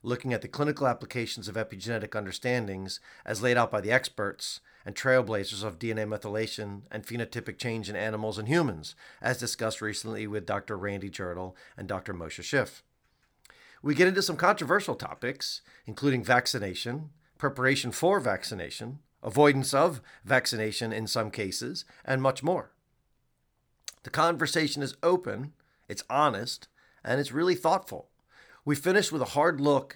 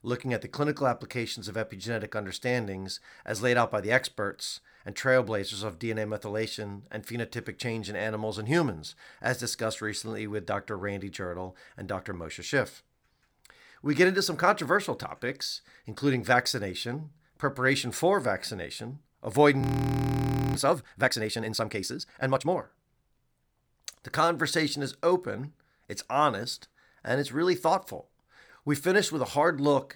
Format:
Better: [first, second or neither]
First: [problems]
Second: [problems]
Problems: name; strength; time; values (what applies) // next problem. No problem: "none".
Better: first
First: none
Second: audio freezing; at 20 s for 1 s